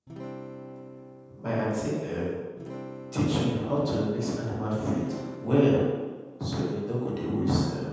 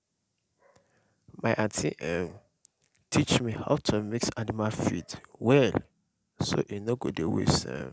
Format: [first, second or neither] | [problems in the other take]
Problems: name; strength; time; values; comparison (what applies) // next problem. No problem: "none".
second | background sound (Acoustic guitar / Strum); 15 dB below the speech // room echo; dies away in 1.2 s